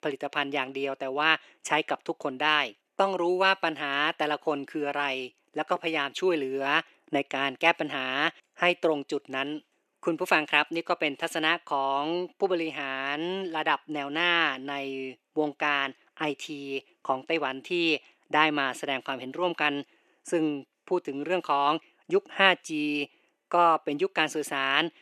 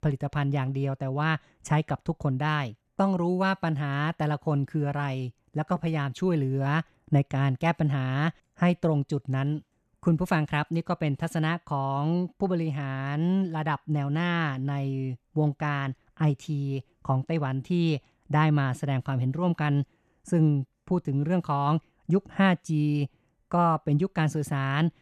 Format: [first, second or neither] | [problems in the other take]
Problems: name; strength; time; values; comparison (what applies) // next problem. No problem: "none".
second | thin; very; fading below 350 Hz